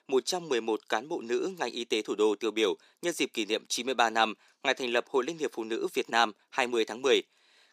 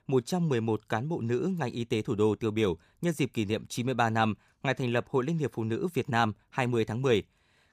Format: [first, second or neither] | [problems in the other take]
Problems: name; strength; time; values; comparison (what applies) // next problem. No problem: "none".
second | thin; somewhat; fading below 300 Hz